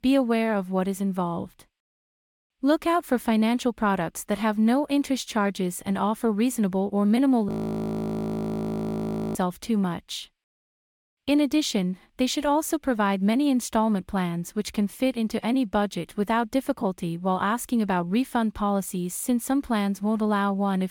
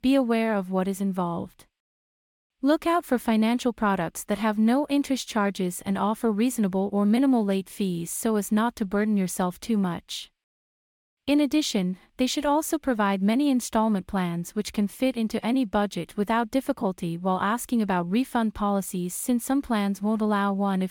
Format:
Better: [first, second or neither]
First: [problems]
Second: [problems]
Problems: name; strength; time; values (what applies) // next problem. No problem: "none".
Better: second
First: audio freezing; at 7.5 s for 2 s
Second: none